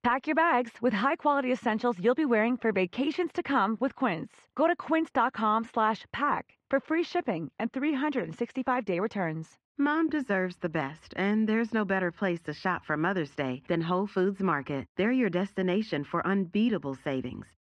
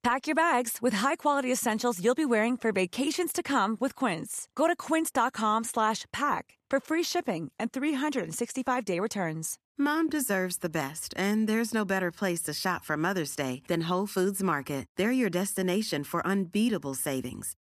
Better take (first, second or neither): second